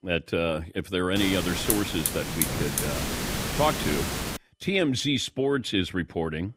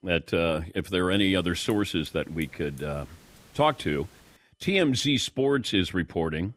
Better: second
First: hiss; loud; from 1 to 4.5 s; 1 dB below the speech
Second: hiss; faint; from 1 to 4.5 s; 25 dB below the speech

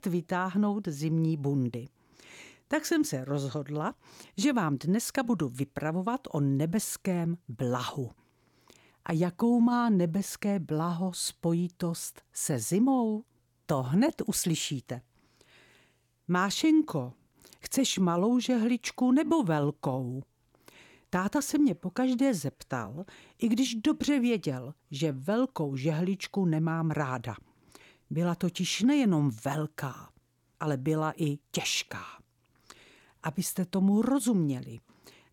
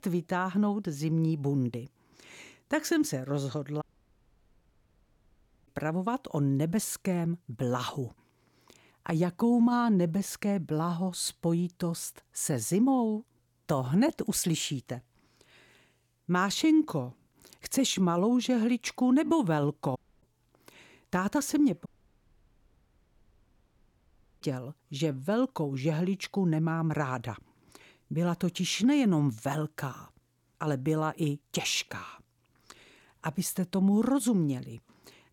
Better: first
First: none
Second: audio cutting out; at 4 s for 2 s, at 20 s and at 22 s for 2.5 s

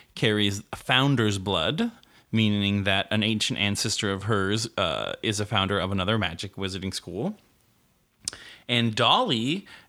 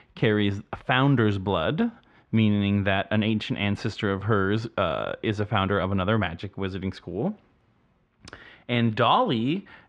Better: first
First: none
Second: muffled; very; fading above 2 kHz

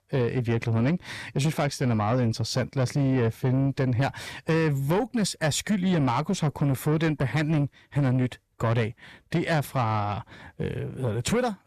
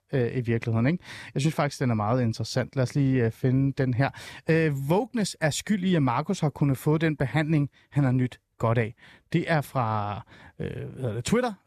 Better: second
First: distortion; slight; 10 dB below the speech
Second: none

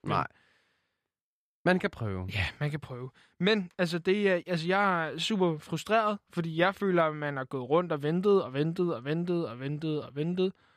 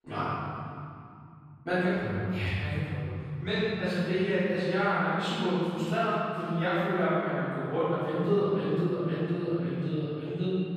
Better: first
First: none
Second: off-mic speech; far // room echo; strong; dies away in 2.7 s

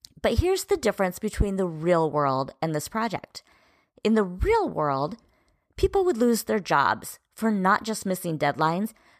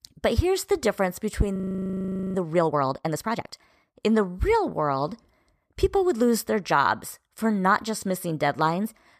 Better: first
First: none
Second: audio freezing; at 1.5 s for 1 s

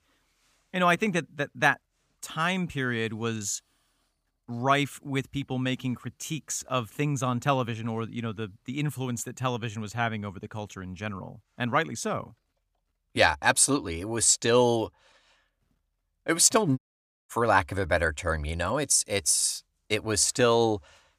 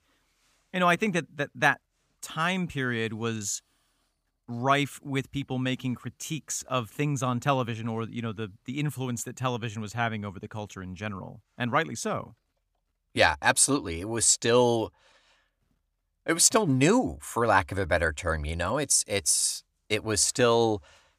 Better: second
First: audio cutting out; at 17 s for 0.5 s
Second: none

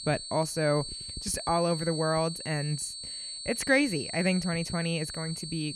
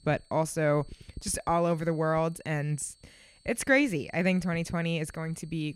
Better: second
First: high-pitched whine; loud; throughout; 4.5 kHz, 7 dB below the speech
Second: high-pitched whine; faint; throughout; 4.5 kHz, 30 dB below the speech

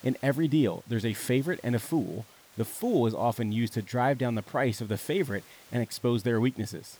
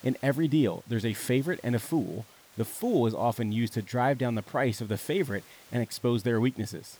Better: neither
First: hiss; faint; throughout; 25 dB below the speech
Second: hiss; faint; throughout; 25 dB below the speech

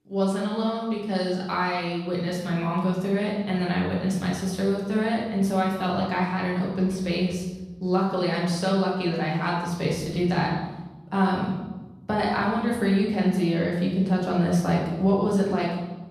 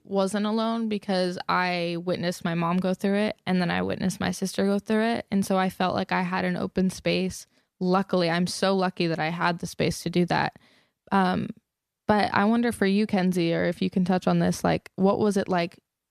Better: second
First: room echo; noticeable; dies away in 1.2 s // off-mic speech; far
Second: none

